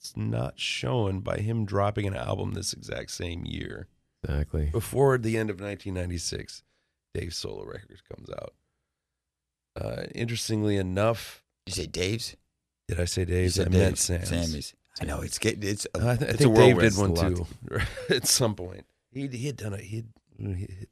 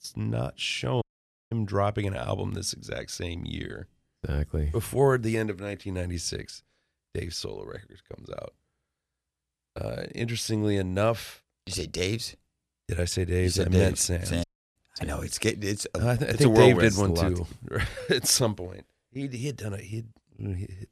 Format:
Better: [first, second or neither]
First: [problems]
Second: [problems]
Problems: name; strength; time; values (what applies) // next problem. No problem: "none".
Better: first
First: none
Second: audio cutting out; at 1 s and at 14 s